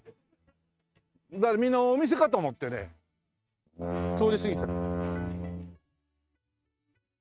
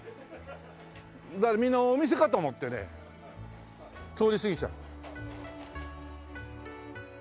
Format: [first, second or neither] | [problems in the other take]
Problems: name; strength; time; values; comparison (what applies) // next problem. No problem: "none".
second | noise reduction (neural mask model RNNoise)